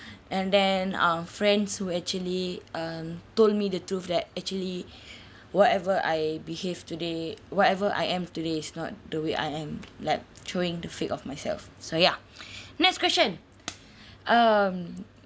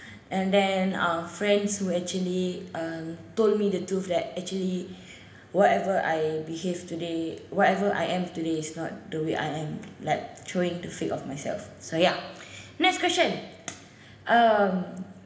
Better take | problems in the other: first | room echo; dies away in 1 s

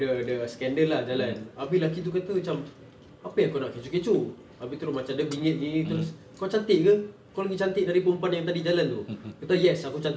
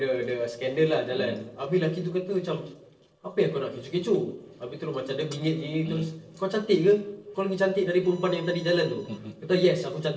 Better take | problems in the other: first | noise reduction (neural separator model SepFormer DNS4)

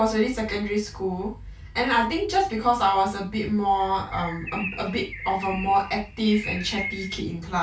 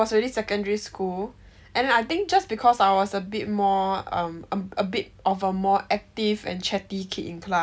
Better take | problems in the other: second | background sound (Bird); 12 dB below the speech // room echo; dies away in 0.2 s

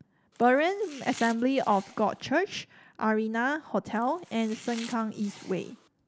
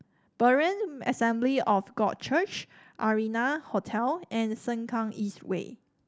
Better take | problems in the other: second | background sound (Domestic sounds, home sounds); 19 dB below the speech

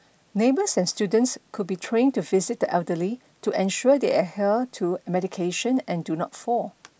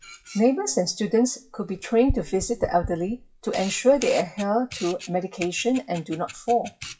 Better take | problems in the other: first | noise reduction (classical method WPE with log-MMSE)

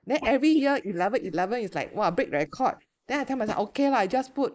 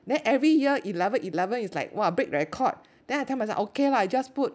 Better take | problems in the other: second | noise reduction (neural mask model Resemble Enhance denoiser)

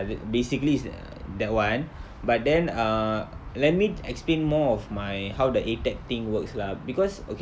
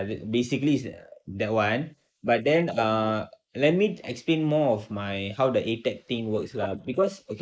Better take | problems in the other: first | noise reduction (neural mask model Resemble Enhance denoiser)

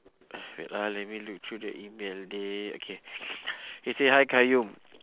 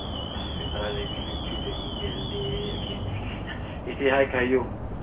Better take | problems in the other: first | background sound (Alarm); 1 dB below the speech // room echo; dies away in 0.2 s

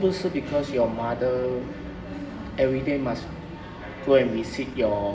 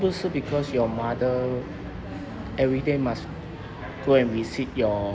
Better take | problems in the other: second | room echo; dies away in 0.7 s

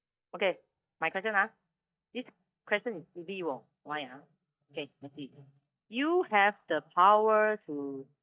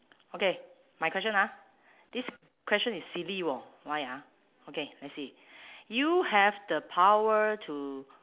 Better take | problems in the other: second | noise reduction (neural mask model DeepFilterNet 3)

